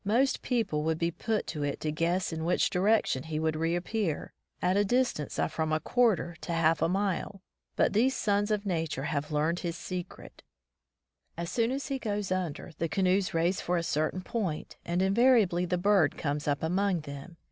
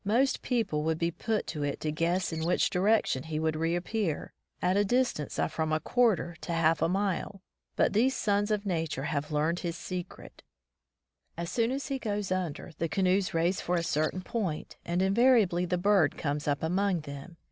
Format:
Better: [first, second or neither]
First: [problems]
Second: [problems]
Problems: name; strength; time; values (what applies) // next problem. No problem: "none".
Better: first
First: none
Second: background sound (Bird); 18 dB below the speech